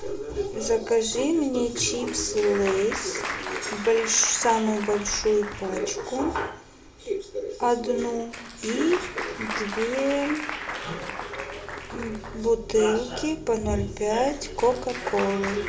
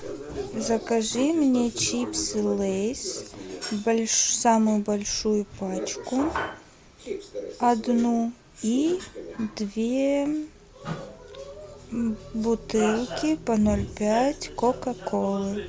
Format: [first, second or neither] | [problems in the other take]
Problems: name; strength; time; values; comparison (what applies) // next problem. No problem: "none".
second | background sound (Applause); 11 dB below the speech // room echo; dies away in 0.7 s